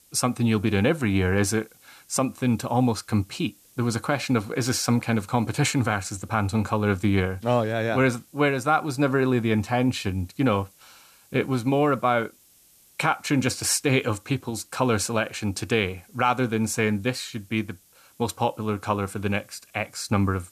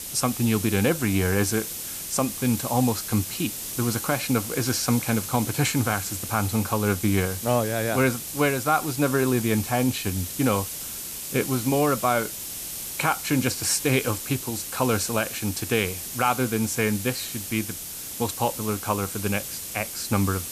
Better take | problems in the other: first | hiss; loud; throughout; 6 dB below the speech; faint in the first

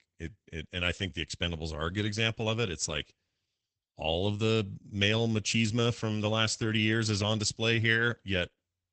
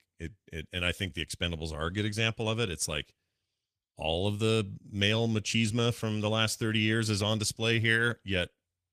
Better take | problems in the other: second | garbled, watery; badly; nothing above 8 kHz; slightly in the second

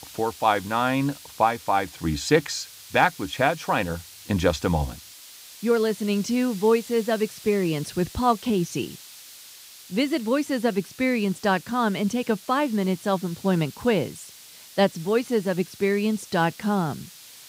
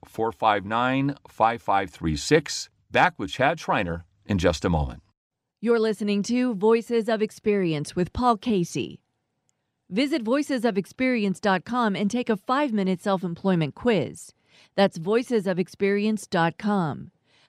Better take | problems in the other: second | hiss; noticeable; throughout; 20 dB below the speech

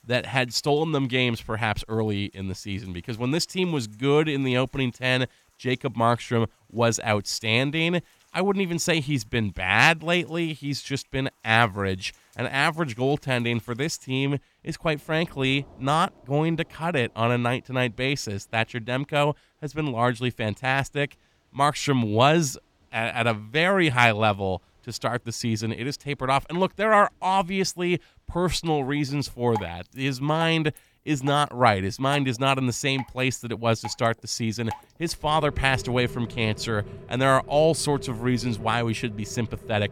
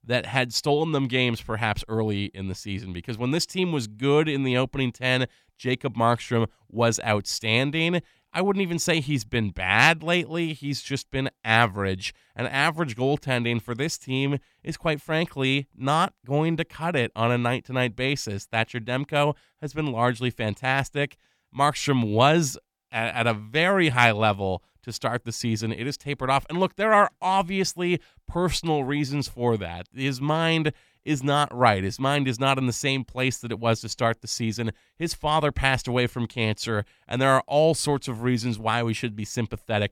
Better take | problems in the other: second | rain or running water; noticeable; throughout; 20 dB below the speech

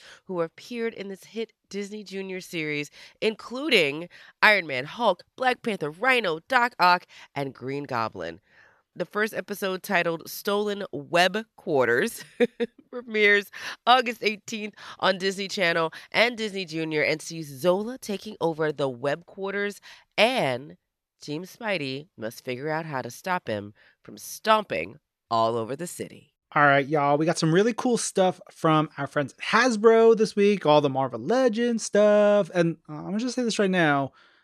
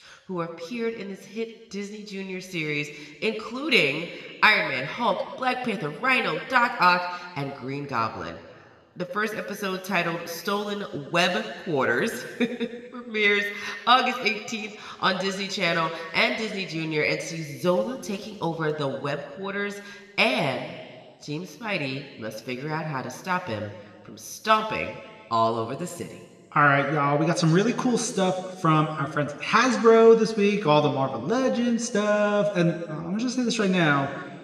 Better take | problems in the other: first | room echo; slight; dies away in 1.6 s

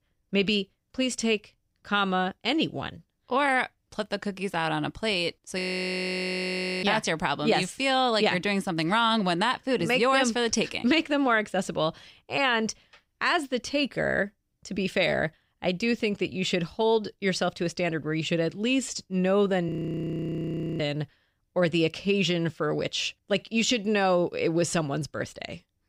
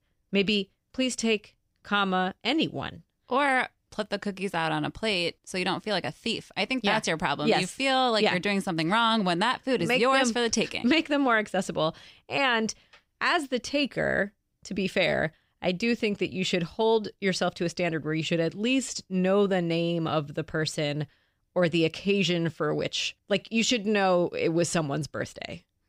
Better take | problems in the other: second | audio freezing; at 5.5 s for 1 s and at 20 s for 1 s

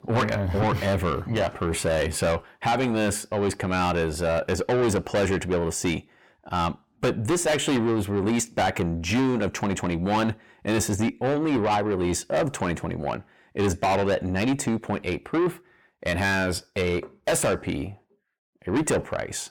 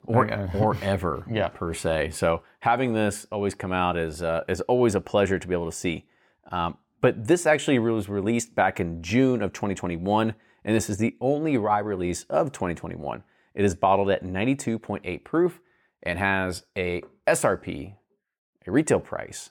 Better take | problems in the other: second | distortion; heavy; 6 dB below the speech

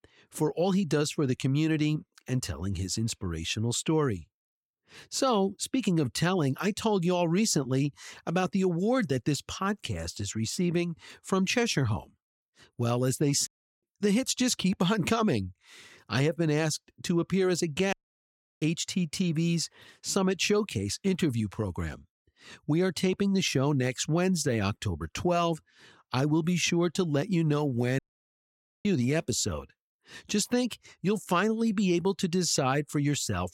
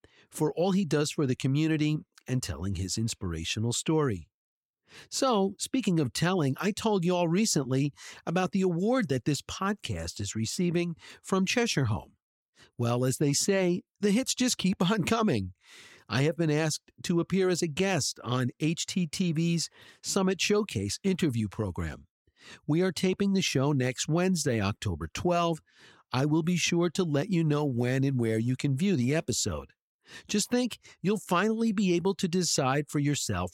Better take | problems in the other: second | audio cutting out; at 13 s, at 18 s for 0.5 s and at 28 s for 1 s

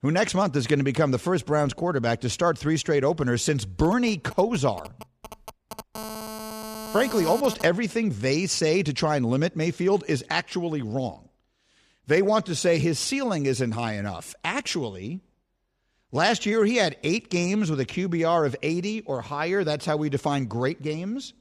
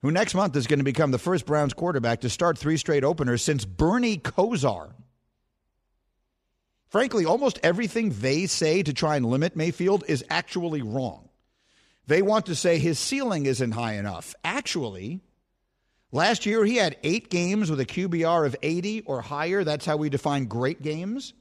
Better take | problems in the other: second | phone ringing; noticeable; from 4 to 7.5 s; peak 9 dB below the speech

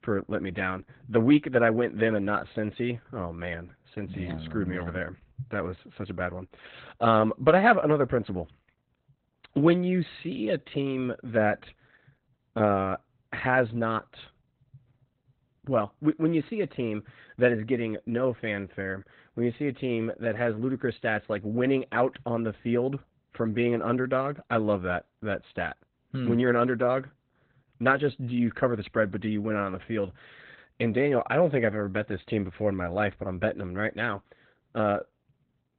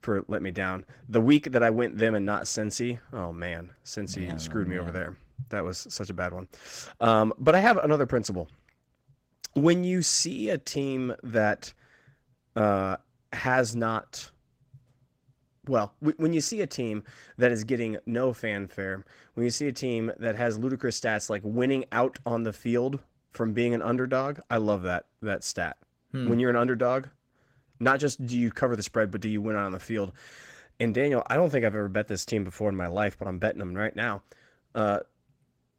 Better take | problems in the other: second | garbled, watery; badly; nothing above 4 kHz; slightly in the second

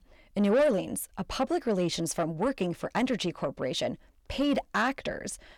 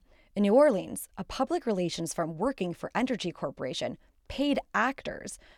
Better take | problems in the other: second | distortion; slight; 10 dB below the speech

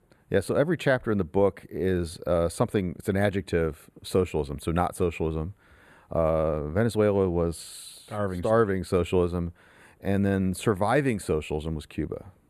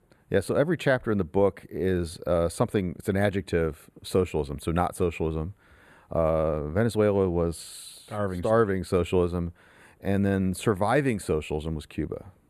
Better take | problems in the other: neither | none

